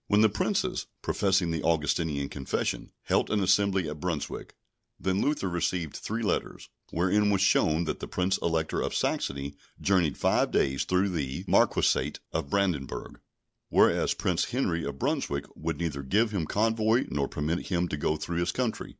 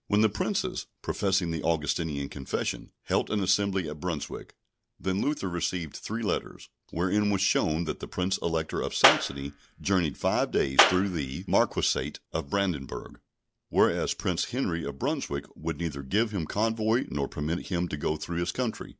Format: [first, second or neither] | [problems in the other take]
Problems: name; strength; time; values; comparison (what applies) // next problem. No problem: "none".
first | background sound (Clapping); 1 dB above the speech